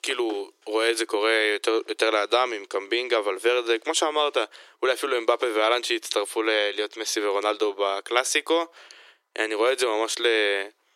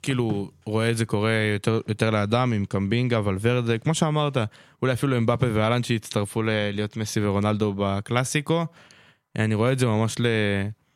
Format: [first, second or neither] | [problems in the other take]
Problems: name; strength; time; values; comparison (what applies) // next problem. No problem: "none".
second | thin; very; fading below 350 Hz